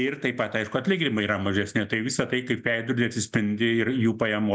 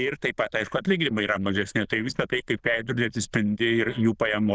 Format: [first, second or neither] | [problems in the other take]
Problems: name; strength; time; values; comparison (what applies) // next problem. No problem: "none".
first | noise reduction (neural diffusion model UNIVERSE++)